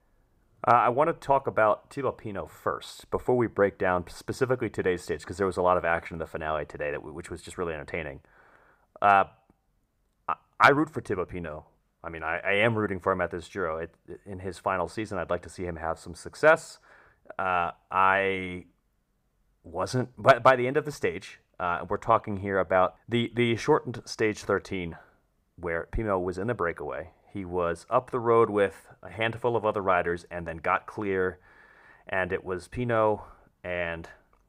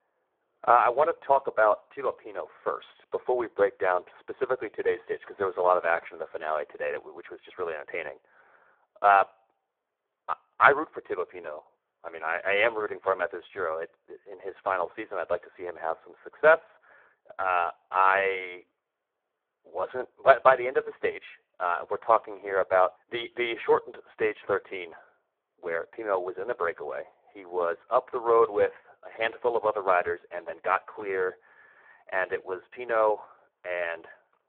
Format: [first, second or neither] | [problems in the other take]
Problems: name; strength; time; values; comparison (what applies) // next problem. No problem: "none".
first | phone-call audio; poor line